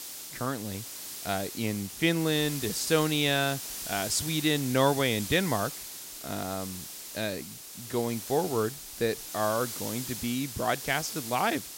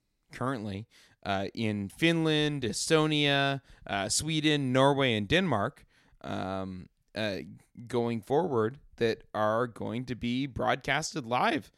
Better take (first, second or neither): second